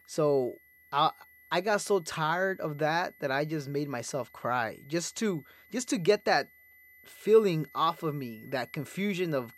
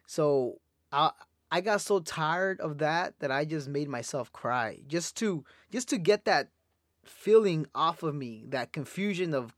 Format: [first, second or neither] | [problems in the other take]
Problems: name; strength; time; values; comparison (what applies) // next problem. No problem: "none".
second | high-pitched whine; faint; throughout; 2 kHz, 25 dB below the speech